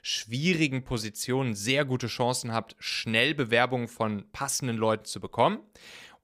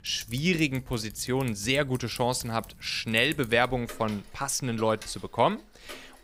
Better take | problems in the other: first | household noises; noticeable; throughout; 20 dB below the speech

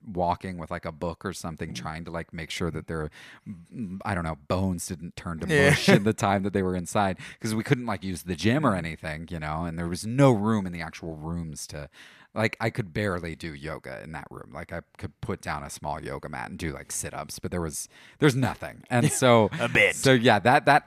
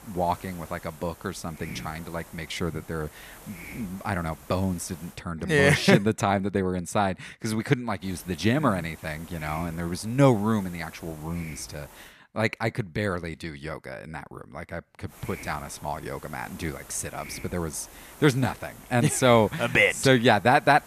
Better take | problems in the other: first | hiss; noticeable; until 5 s, from 8 to 12 s and from 15 s on; 20 dB below the speech

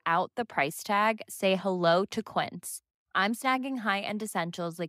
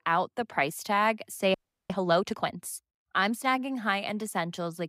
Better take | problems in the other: first | audio freezing; at 1.5 s

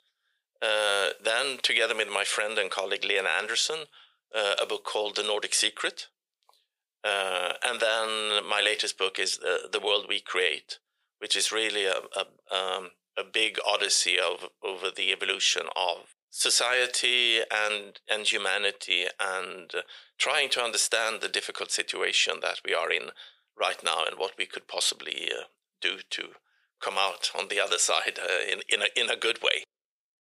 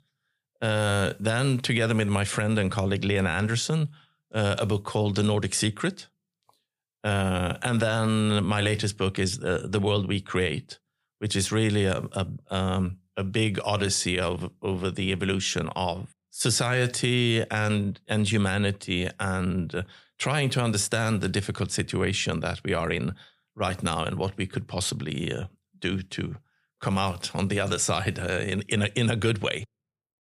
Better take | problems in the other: second | thin; very; fading below 450 Hz

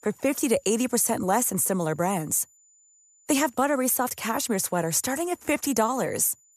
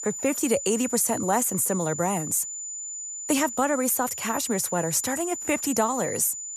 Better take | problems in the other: first | high-pitched whine; loud; throughout; 7 kHz, 7 dB below the speech; faint in the first

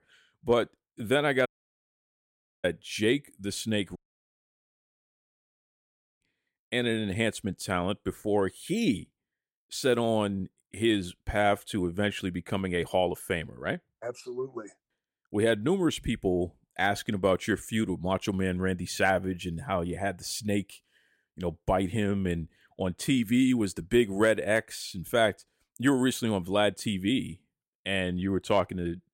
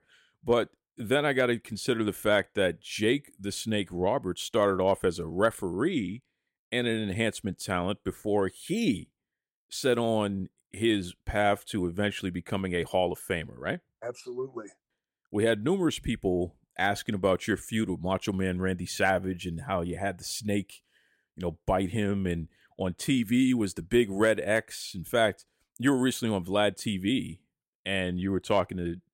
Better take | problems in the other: second | audio cutting out; at 1.5 s for 1 s and at 4 s for 2 s

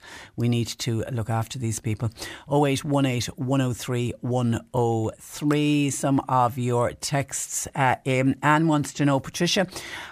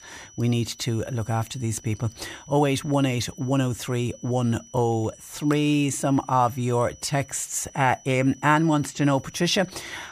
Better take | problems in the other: first | high-pitched whine; faint; throughout; 6 kHz, 25 dB below the speech

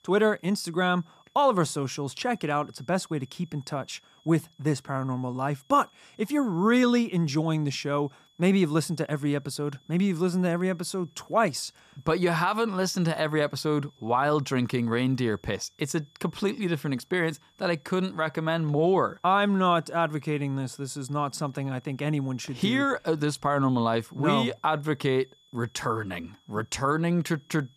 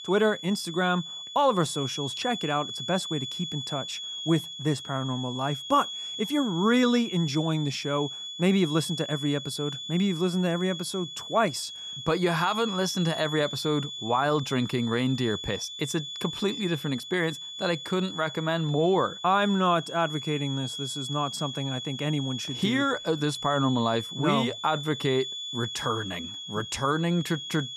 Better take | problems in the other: first | high-pitched whine; loud; throughout; 3.5 kHz, 7 dB below the speech; faint in the first

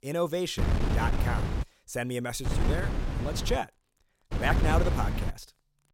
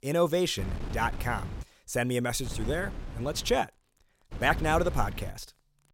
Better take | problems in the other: second | wind noise on the microphone; heavy; from 0.5 to 1.5 s, from 2.5 to 3.5 s and at 4.5 s; 5 dB below the speech; occasional gusts in the second

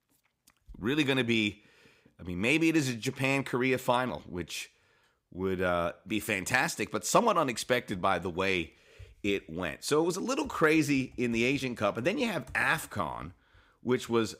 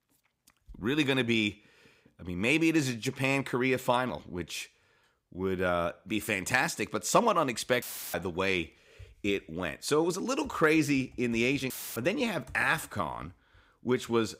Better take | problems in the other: first | audio cutting out; filled with static; at 8 s and at 12 s

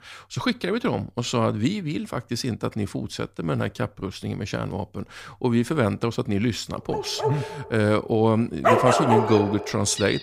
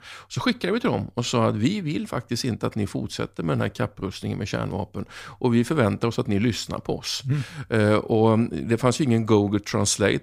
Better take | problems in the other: second | animal sounds; very loud; from 7 s on; 1 dB above the speech

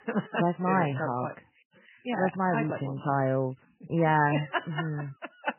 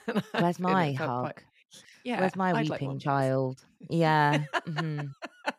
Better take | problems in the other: second | garbled, watery; badly; nothing above 3 kHz

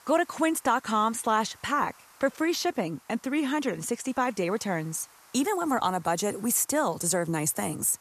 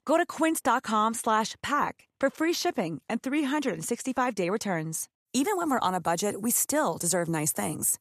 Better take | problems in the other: second | hiss; faint; throughout; 25 dB below the speech

